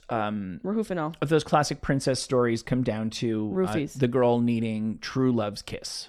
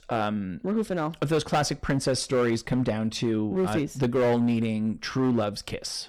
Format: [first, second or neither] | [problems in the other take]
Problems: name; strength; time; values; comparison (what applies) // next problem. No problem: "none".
first | distortion; slight; 8% of the sound clipped